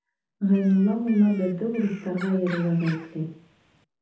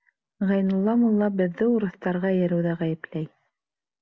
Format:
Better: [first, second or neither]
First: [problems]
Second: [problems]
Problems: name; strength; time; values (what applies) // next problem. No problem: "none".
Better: second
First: background sound (Bird); 20 dB below the speech // room echo; dies away in 0.6 s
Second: none